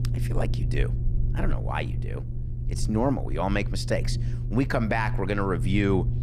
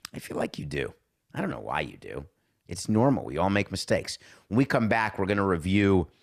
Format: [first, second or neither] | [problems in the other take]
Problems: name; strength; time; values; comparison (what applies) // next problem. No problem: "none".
second | low rumble; noticeable; throughout; 15 dB below the speech